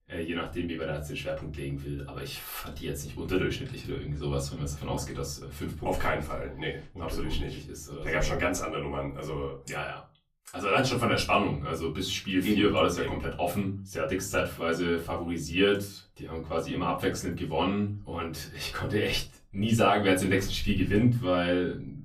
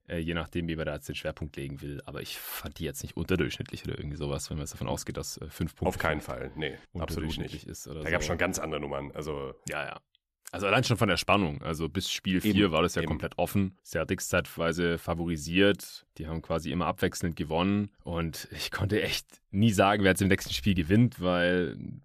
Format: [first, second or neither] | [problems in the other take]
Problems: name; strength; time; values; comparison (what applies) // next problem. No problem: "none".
second | off-mic speech; far // room echo; very slight; dies away in 0.3 s